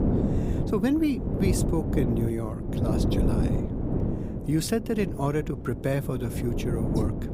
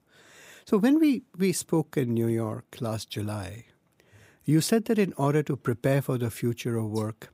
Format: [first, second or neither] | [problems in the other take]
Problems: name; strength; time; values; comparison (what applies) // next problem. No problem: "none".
second | wind noise on the microphone; heavy; 3 dB below the speech